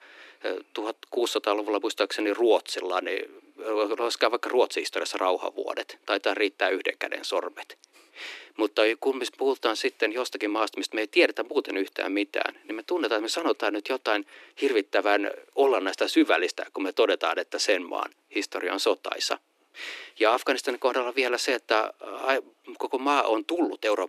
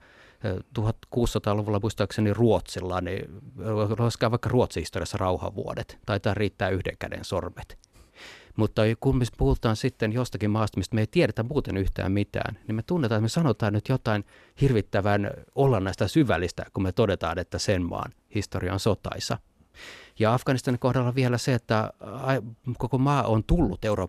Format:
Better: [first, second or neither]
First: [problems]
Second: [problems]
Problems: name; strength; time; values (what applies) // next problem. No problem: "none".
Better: second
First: thin; very; fading below 300 Hz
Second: none